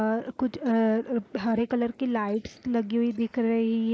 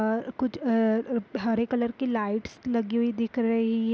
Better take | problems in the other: second | noise reduction (neural mask model Resemble Enhance denoiser)

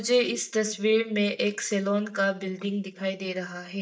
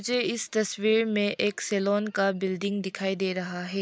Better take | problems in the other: second | noise reduction (neural mask model DeepFilterNet 3)

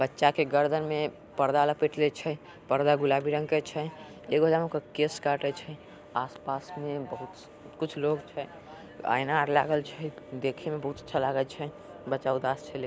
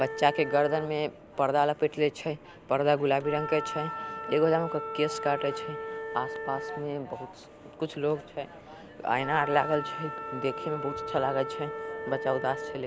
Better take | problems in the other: first | background sound (Wind instrument, woodwind instrument); 9 dB below the speech

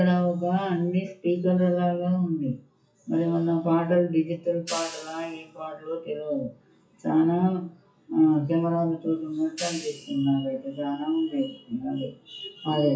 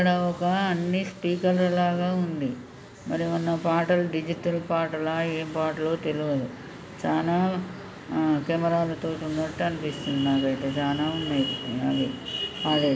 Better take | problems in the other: second | noise reduction (classical method WPE with log-MMSE)

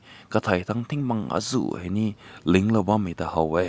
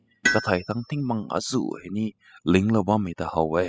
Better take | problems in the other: first | noise reduction (classical method spectral subtraction)

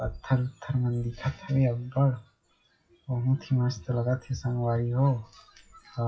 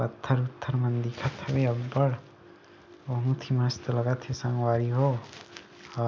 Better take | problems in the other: second | noise reduction (classical method WPE with log-MMSE)

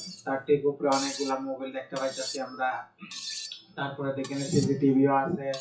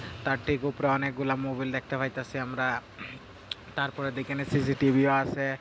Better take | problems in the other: second | noise reduction (classical method WPE with log-MMSE)

